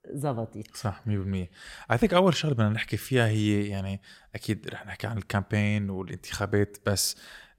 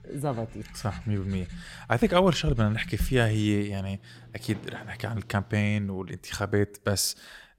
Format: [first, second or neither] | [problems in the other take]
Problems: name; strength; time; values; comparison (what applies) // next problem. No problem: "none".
first | household noises; noticeable; until 5.5 s; 15 dB below the speech